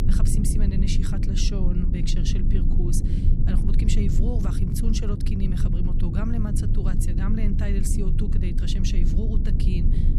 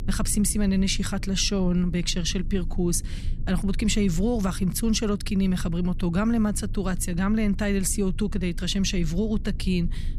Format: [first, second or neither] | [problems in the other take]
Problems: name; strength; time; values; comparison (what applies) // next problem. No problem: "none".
second | low rumble; loud; throughout; 2 dB below the speech; faint in the second